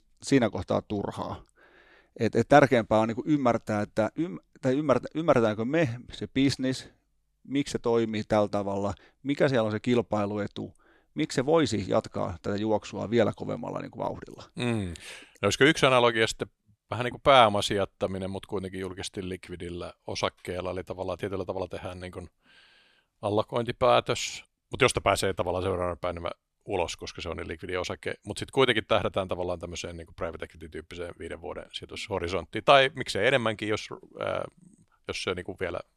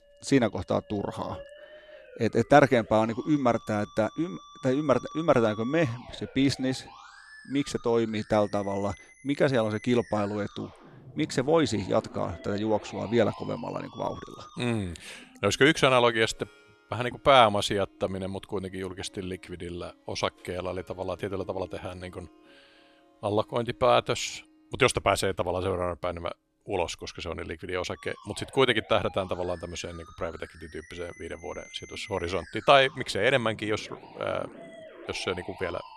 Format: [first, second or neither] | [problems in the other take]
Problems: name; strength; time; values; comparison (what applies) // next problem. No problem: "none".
first | background music; faint; throughout; 20 dB below the speech